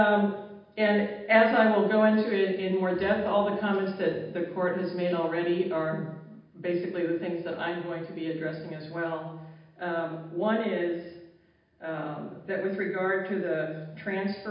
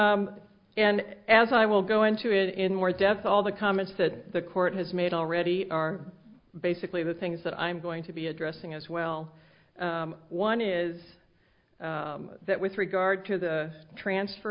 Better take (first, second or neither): second